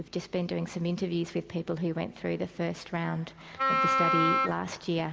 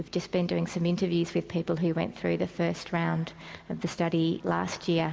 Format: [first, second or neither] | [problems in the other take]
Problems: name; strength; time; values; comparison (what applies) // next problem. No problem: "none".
second | background sound (Wind instrument, woodwind instrument); 5 dB above the speech